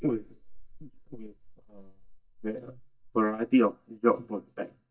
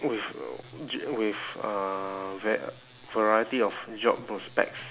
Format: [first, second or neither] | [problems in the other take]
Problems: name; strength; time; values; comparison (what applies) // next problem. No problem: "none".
second | noise reduction (neural mask model DeepFilterNet 3)